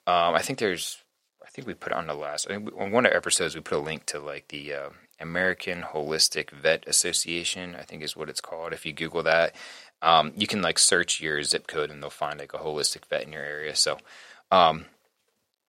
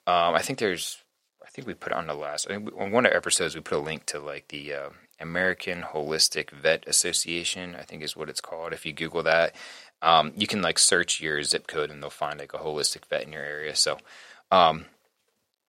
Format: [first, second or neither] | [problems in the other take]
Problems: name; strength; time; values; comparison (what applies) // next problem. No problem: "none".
neither | thin; very; fading below 500 Hz; the same in both